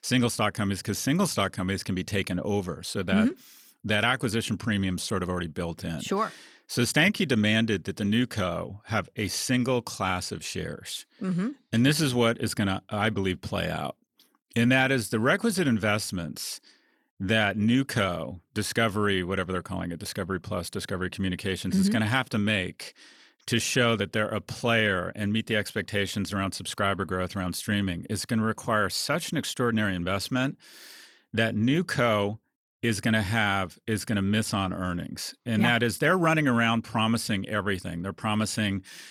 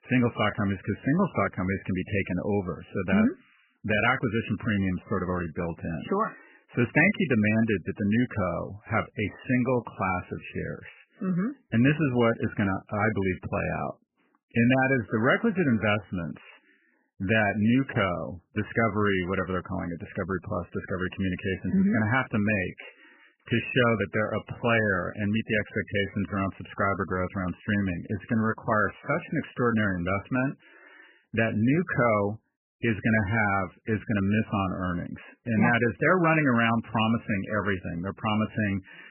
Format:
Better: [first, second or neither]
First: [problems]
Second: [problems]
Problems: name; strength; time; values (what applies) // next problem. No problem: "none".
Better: first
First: none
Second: garbled, watery; badly; nothing above 3 kHz